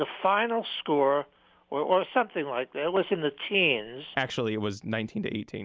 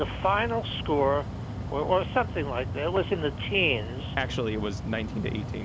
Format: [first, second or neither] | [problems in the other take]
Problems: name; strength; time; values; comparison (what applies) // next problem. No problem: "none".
first | background sound (Mechanical fan); 6 dB below the speech